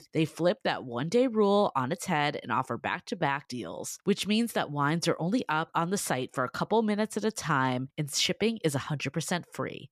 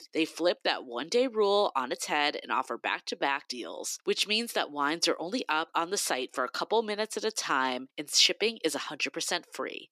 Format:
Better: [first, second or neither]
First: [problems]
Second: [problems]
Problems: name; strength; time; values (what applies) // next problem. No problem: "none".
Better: first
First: none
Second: thin; somewhat; fading below 300 Hz